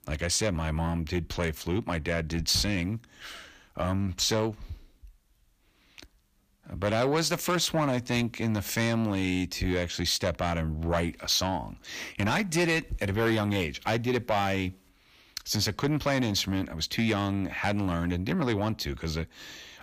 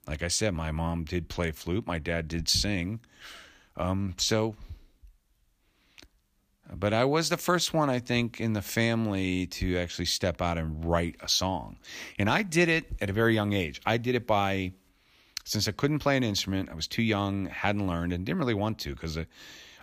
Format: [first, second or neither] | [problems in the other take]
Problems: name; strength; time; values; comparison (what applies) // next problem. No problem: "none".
second | distortion; slight; 10 dB below the speech